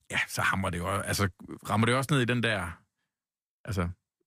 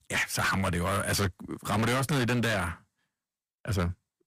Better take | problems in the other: first | distortion; heavy; 17% of the sound clipped

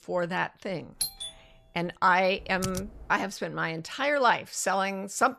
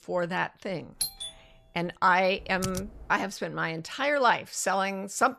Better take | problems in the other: neither | doorbell; noticeable; at 1 s; peak 4 dB below the speech; the same in both // keyboard typing; noticeable; at 2.5 s; peak 9 dB below the speech; the same in both

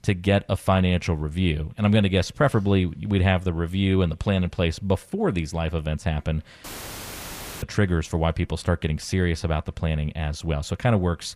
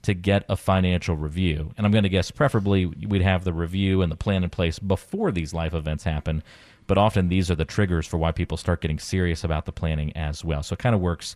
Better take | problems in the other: second | audio cutting out; filled with static; at 6.5 s for 1 s

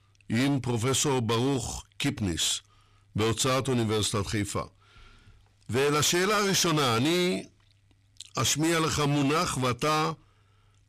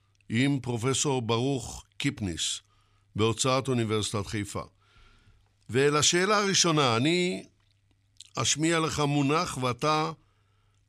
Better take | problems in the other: second | distortion; heavy; 17% of the sound clipped

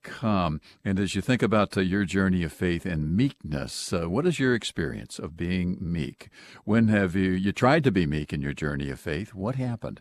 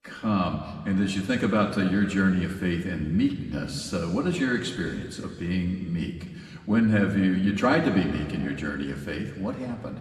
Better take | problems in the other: first | room echo; slight; dies away in 2 s // off-mic speech; somewhat distant

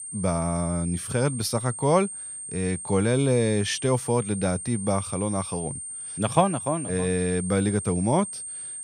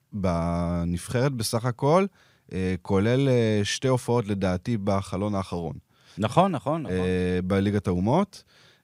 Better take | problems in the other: second | high-pitched whine; loud; throughout; 8.5 kHz, 8 dB below the speech

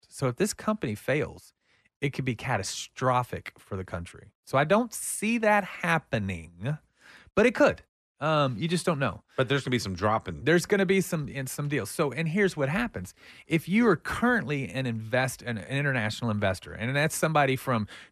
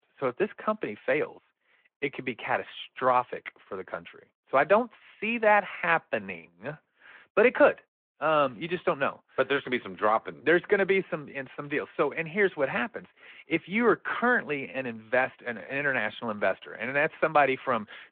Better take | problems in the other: first | phone-call audio

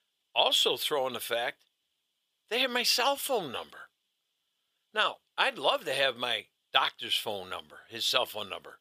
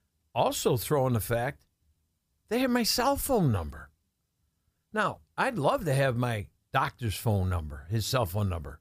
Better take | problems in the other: second | thin; very; fading below 500 Hz

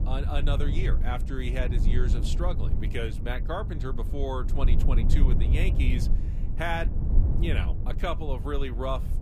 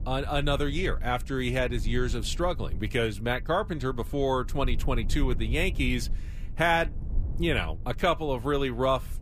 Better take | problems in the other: second | low rumble; loud; throughout; 9 dB below the speech; faint in the second

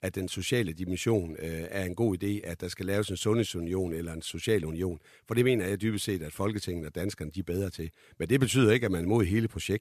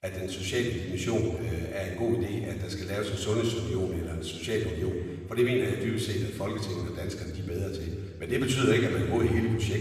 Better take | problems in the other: first | room echo; noticeable; dies away in 1.6 s // off-mic speech; far

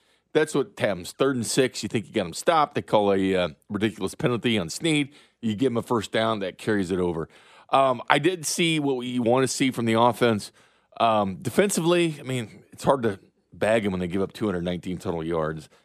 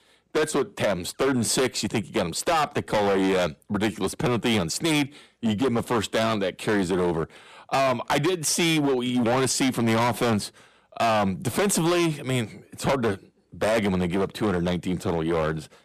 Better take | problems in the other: first | distortion; heavy; 17% of the sound clipped

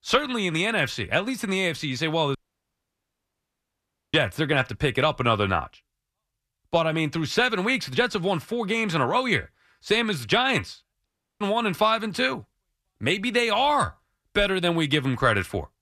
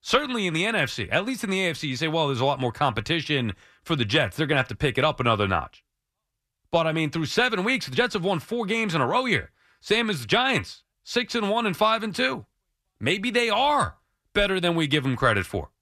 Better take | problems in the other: second | audio cutting out; at 2.5 s for 2 s and at 11 s

